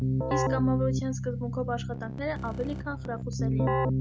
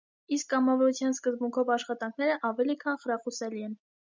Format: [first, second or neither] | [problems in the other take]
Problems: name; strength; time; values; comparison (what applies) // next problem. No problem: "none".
second | background sound (Keyboard (musical)); 5 dB above the speech